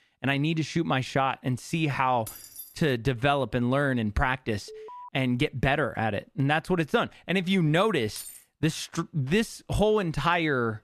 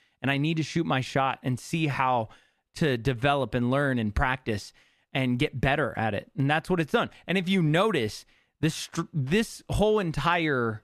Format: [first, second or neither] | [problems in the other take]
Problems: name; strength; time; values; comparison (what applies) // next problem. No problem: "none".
second | jangling keys; faint; at 2.5 s and at 8 s; peak 15 dB below the speech // alarm; faint; at 4.5 s; peak 15 dB below the speech